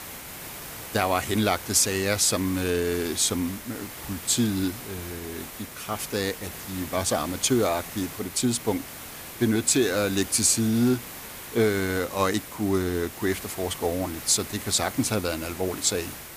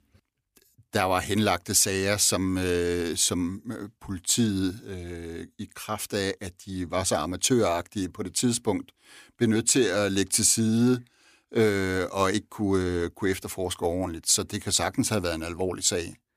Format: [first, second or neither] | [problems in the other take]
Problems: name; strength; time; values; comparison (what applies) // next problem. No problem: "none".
second | hiss; noticeable; throughout; 10 dB below the speech